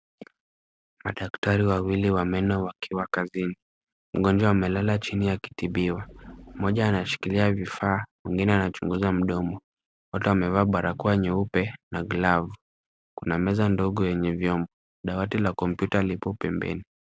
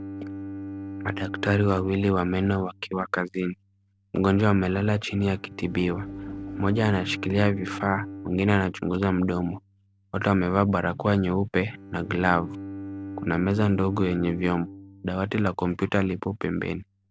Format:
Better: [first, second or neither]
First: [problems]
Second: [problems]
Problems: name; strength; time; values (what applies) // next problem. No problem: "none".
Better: first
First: none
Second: background sound (Bowed string instrument); 13 dB below the speech